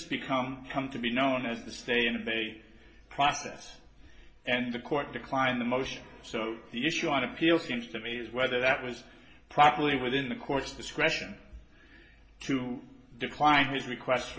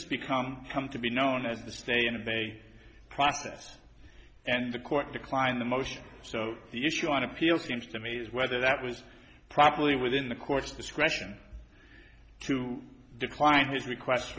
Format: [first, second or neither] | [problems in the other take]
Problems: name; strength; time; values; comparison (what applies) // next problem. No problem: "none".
second | room echo; dies away in 0.3 s